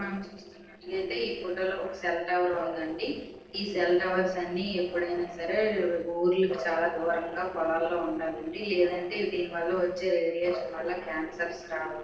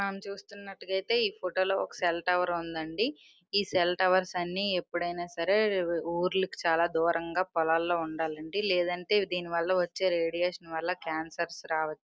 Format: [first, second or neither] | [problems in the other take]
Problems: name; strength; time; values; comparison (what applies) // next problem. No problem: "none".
second | noise reduction (neural separator model SepFormer DNS4)